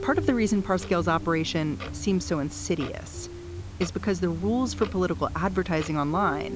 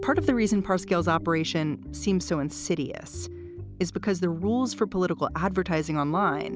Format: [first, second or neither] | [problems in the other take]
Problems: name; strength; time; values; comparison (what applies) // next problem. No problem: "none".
second | background sound (Clock); 13 dB below the speech